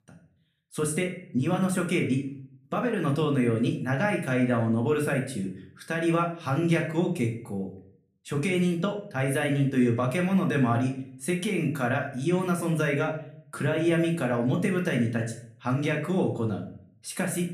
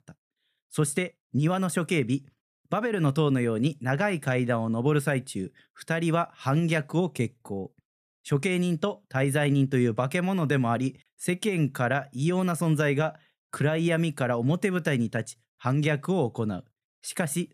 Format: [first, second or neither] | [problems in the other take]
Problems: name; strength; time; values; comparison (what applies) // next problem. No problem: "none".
second | room echo; slight; dies away in 0.4 s // off-mic speech; somewhat distant